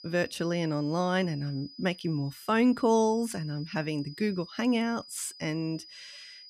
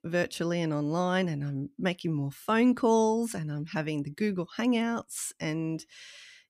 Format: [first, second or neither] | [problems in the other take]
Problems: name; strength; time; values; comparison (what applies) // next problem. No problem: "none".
second | high-pitched whine; noticeable; throughout; 5 kHz, 20 dB below the speech